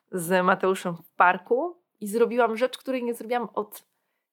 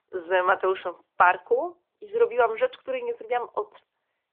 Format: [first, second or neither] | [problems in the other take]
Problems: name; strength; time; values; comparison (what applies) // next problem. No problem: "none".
first | phone-call audio